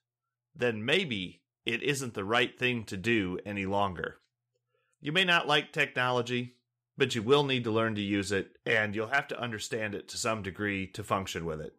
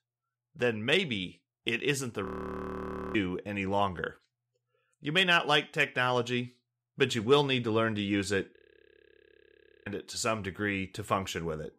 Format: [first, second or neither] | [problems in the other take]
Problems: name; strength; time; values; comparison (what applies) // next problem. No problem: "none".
first | audio freezing; at 2.5 s for 1 s and at 8.5 s for 1.5 s